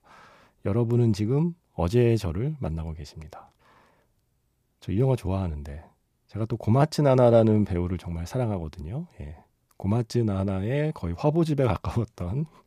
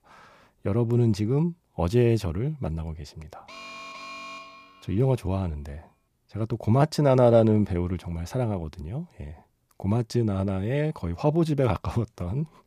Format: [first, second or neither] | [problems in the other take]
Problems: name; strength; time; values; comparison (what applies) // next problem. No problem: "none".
first | alarm; faint; from 3.5 to 5 s; peak 10 dB below the speech